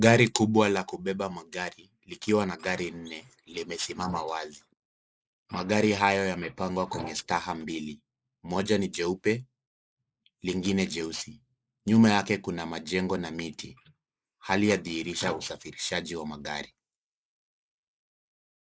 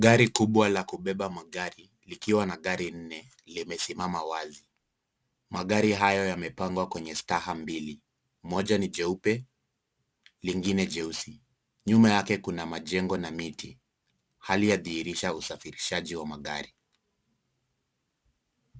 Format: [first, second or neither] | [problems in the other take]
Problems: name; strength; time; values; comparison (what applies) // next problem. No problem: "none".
second | noise reduction (neural mask model Resemble Enhance denoiser)